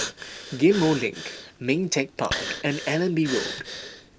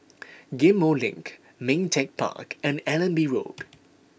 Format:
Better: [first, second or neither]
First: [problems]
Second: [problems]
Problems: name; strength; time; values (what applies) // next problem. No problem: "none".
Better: second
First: background sound (Breathing); 9 dB below the speech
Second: none